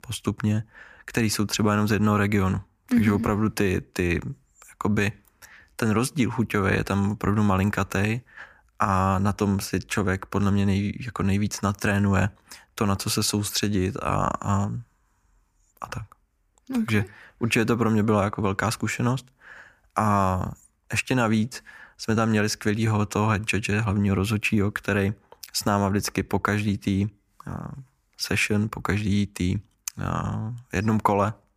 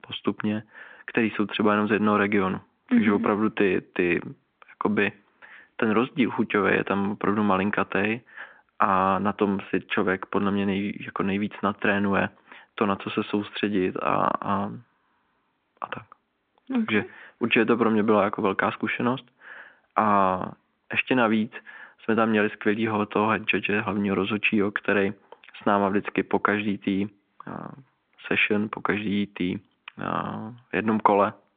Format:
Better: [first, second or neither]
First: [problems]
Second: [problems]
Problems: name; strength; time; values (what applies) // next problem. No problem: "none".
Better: first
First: none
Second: phone-call audio